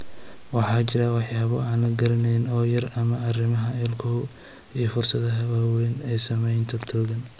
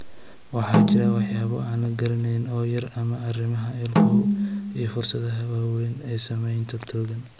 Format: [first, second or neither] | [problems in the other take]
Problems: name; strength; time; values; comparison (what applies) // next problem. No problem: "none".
first | background sound (Snare drum); 1 dB above the speech